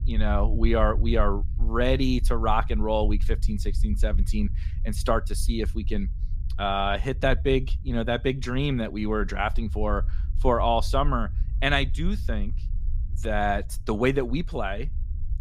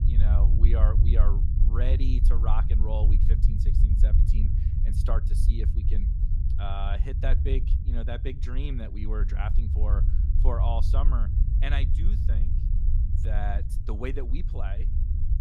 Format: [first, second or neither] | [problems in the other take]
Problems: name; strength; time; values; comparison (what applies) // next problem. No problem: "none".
first | low rumble; loud; throughout; 6 dB below the speech; faint in the first